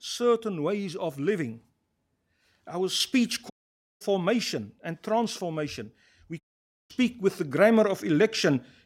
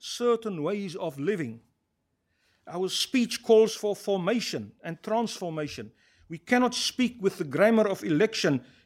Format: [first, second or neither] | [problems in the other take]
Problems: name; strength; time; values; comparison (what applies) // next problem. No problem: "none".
second | audio cutting out; at 3.5 s for 0.5 s and at 6.5 s for 0.5 s